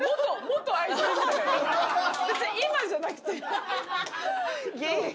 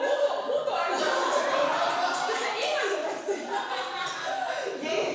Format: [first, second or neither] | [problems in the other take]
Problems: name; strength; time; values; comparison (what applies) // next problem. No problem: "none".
first | room echo; dies away in 1.1 s